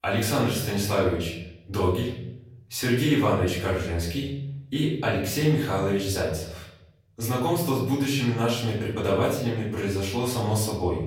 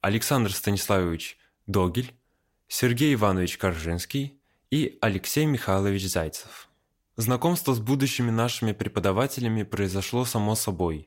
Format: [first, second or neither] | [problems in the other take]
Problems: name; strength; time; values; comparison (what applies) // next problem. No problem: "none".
second | off-mic speech; far // room echo; noticeable; dies away in 0.8 s